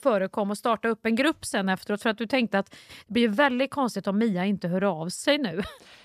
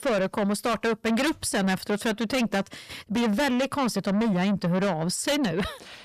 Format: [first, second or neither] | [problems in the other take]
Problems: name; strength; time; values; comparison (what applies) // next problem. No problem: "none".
first | distortion; heavy; 6 dB below the speech